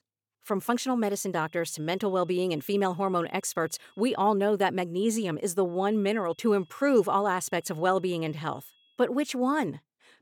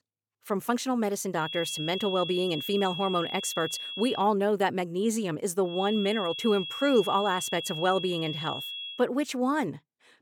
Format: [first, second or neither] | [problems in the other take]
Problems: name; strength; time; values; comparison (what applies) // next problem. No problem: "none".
first | high-pitched whine; loud; from 1.5 to 4 s and from 5.5 to 9 s; 3.5 kHz, 6 dB below the speech; faint in the first